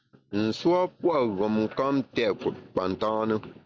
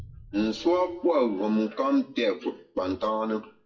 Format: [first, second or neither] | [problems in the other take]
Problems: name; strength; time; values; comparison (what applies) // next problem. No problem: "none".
first | noise reduction (classical method WPE with log-MMSE)